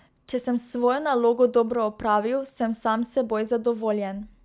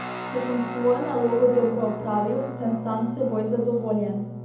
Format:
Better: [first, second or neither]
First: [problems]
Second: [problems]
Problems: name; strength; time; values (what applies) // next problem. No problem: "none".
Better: first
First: none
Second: background sound (Guitar); 10 dB below the speech // room echo; dies away in 0.8 s